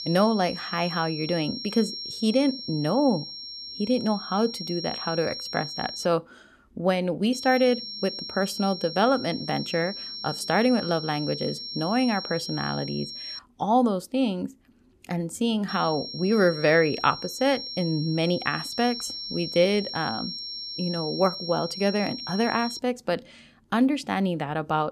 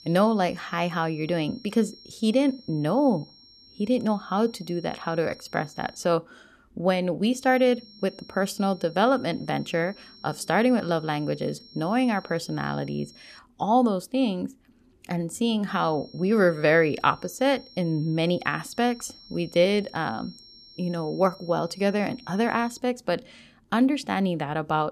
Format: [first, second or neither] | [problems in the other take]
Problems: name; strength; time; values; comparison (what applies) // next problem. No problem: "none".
second | high-pitched whine; loud; until 6 s, from 7.5 to 13 s and from 16 to 23 s; 5.5 kHz, 8 dB below the speech; faint in the second